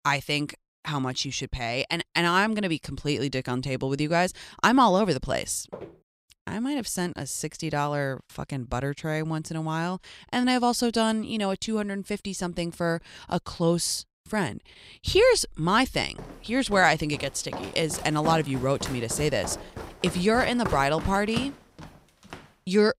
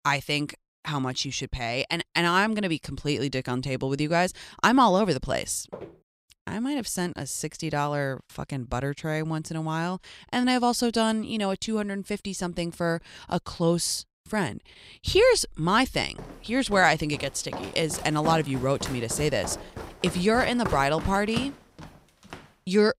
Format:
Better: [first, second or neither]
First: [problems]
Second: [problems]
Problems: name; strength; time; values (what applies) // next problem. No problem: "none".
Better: neither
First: footsteps; faint; at 5.5 s; peak 15 dB below the speech // footsteps; noticeable; from 16 to 22 s; peak 8 dB below the speech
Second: footsteps; faint; at 5.5 s; peak 15 dB below the speech // footsteps; noticeable; from 16 to 22 s; peak 8 dB below the speech